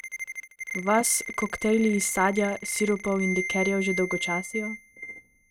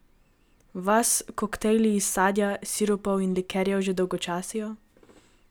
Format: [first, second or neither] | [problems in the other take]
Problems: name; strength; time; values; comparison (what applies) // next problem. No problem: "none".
second | noise reduction (neural mask model RNNoise)